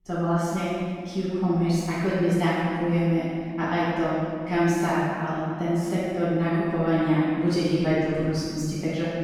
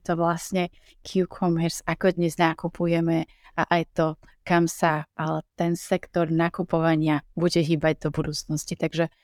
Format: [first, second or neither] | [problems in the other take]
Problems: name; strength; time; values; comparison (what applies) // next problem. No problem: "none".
second | room echo; strong; dies away in 2.1 s // off-mic speech; far